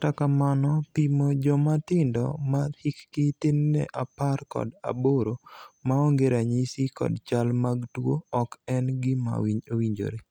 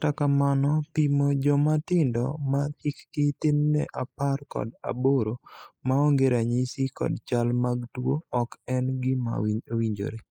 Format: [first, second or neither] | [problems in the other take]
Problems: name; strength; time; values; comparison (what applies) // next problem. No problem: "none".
first | noise reduction (neural mask model Resemble Enhance denoiser)